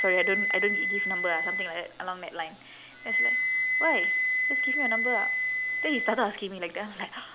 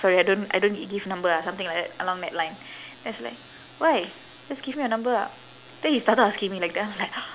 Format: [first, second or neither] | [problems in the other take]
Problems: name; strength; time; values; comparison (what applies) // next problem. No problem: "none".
second | background sound (Wind instrument, woodwind instrument); 4 dB above the speech